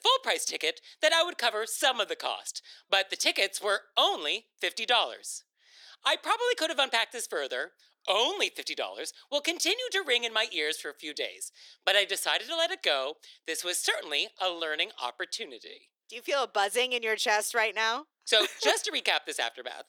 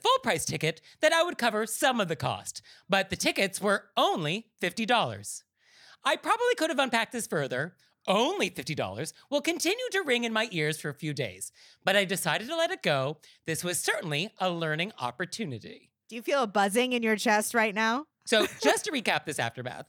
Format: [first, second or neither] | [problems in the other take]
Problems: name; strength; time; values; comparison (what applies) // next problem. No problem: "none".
second | thin; very; fading below 350 Hz